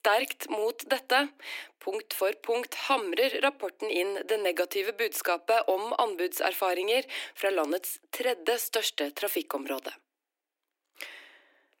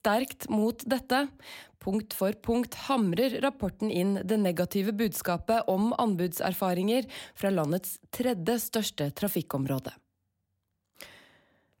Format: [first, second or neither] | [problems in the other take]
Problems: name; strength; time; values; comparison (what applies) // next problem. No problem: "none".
second | thin; very; fading below 300 Hz